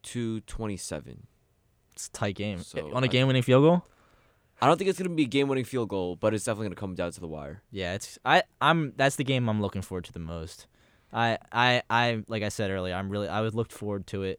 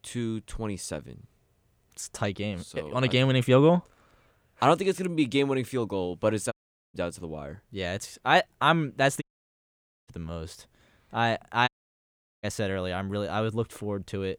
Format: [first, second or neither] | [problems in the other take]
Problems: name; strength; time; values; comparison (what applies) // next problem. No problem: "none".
first | audio cutting out; at 6.5 s, at 9 s for 1 s and at 12 s for 1 s